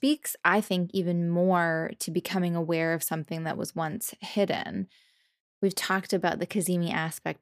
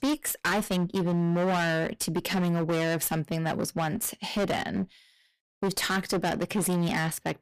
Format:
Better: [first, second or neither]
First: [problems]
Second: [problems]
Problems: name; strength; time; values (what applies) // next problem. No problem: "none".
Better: first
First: none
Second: distortion; heavy; 25% of the sound clipped